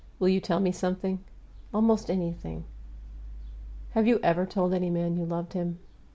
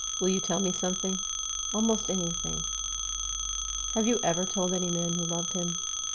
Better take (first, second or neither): first